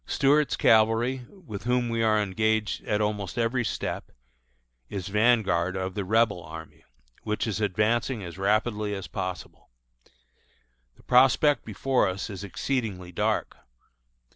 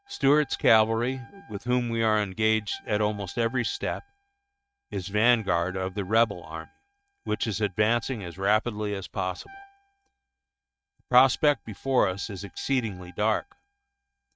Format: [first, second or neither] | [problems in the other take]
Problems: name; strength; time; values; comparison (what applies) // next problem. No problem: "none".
first | noise reduction (neural mask model RNNoise)